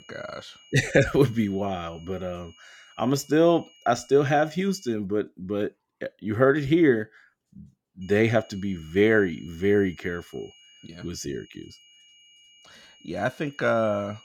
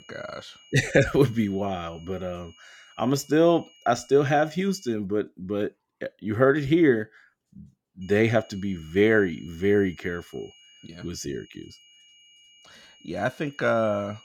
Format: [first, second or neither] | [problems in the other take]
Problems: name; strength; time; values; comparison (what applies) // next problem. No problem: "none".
neither | high-pitched whine; faint; until 5 s and from 8 s on; 3 kHz, 25 dB below the speech; the same in both